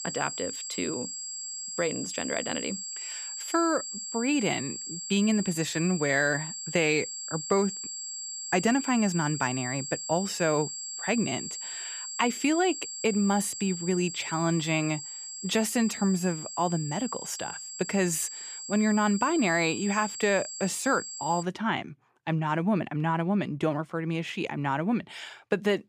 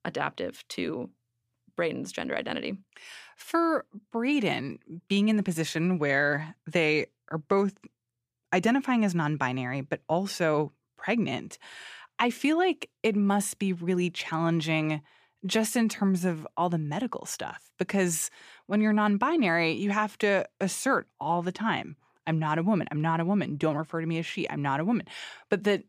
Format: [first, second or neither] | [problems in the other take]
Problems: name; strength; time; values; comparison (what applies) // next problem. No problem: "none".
second | high-pitched whine; loud; until 21 s; 7.5 kHz, 7 dB below the speech